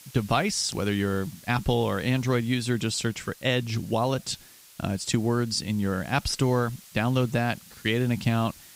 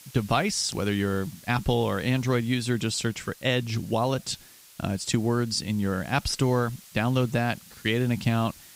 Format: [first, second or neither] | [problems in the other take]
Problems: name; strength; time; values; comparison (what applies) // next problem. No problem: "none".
neither | hiss; faint; throughout; 20 dB below the speech; the same in both